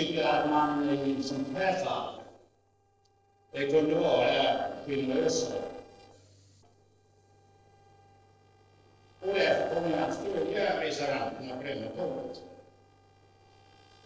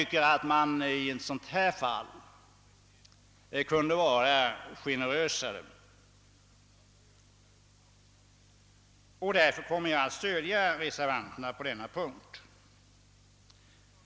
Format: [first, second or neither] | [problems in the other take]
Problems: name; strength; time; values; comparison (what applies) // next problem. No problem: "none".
second | noise reduction (neural separator model SepFormer DNS4)